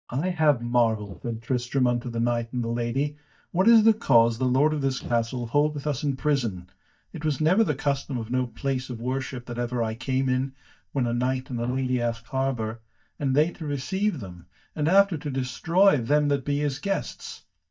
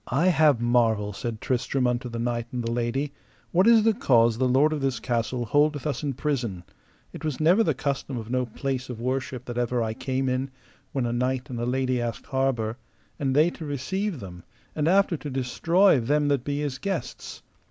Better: second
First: noise reduction (neural mask model DeepFilterNet 3)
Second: none

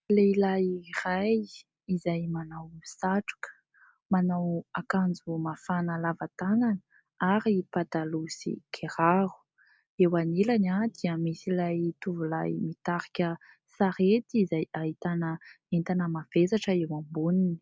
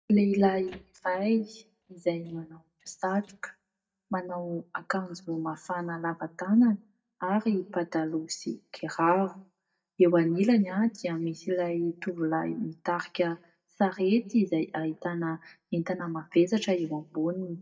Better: first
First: none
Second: noise reduction (neural mask model DeepFilterNet 3)

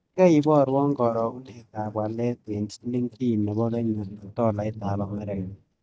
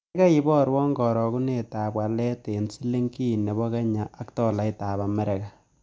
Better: second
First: noise reduction (neural mask model DeepFilterNet 3)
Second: none

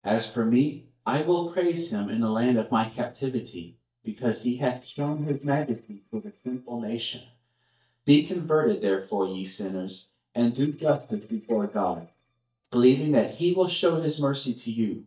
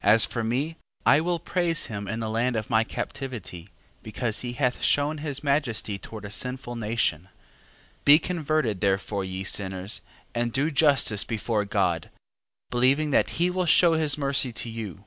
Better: second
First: noise reduction (neural mask model DeepFilterNet 3)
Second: none

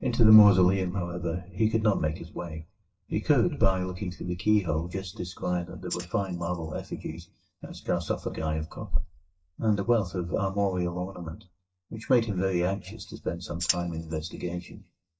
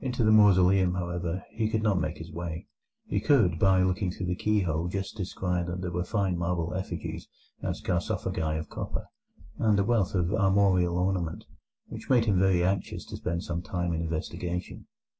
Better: second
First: noise reduction (neural mask model DeepFilterNet 3)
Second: none

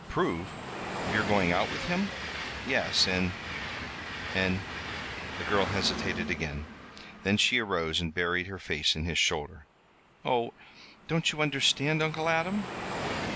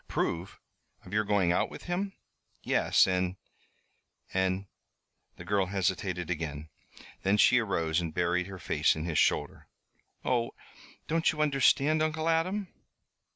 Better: second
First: background sound (Train); 7 dB below the speech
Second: none

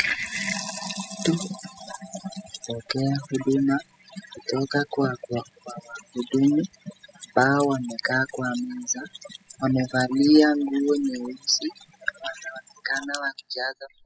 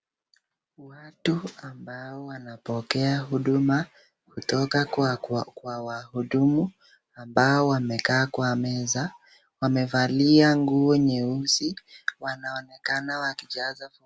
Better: second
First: noise reduction (classical method spectral subtraction)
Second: none

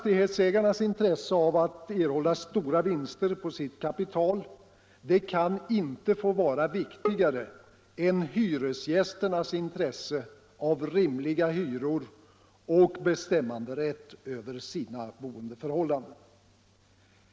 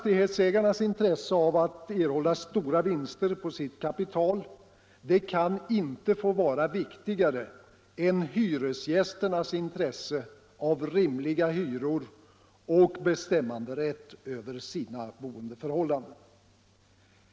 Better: second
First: background sound (Bowed string instrument); 9 dB below the speech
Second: none

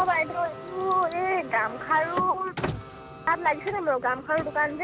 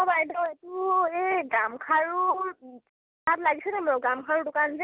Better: second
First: background sound (Car); 11 dB below the speech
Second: none

